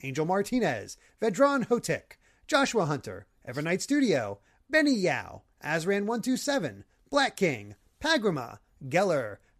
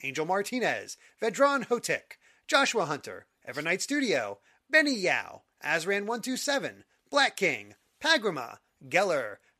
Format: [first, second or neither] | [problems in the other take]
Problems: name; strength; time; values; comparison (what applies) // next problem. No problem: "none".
first | thin; very slightly; fading below 500 Hz